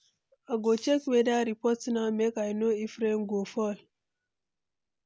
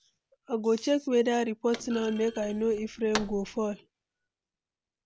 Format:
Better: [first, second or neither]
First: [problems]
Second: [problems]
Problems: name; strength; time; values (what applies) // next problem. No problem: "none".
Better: first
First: none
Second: background sound (Thump, thud); 15 dB below the speech